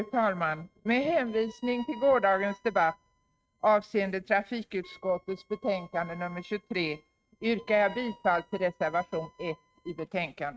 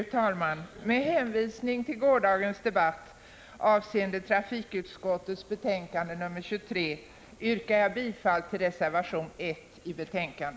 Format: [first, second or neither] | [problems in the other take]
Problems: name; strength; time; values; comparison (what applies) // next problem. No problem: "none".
second | noise reduction (neural mask model RNNoise)